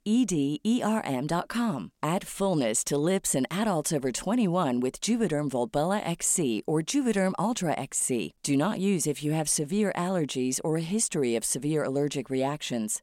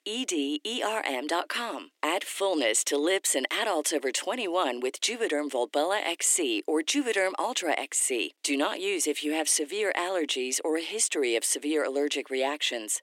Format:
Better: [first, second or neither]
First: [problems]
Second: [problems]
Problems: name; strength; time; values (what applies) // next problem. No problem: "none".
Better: first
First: none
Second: thin; somewhat; fading below 300 Hz